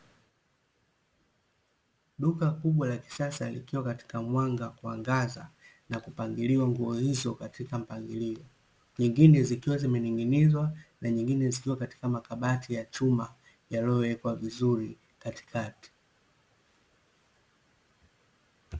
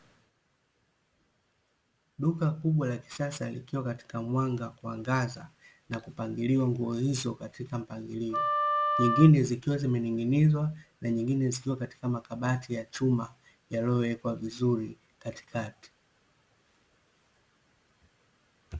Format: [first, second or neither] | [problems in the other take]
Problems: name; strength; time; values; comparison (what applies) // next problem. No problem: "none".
first | background sound (Wind instrument, woodwind instrument); as loud as the speech